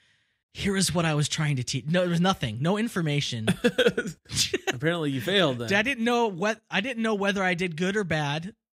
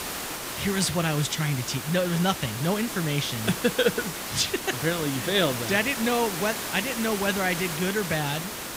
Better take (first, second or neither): first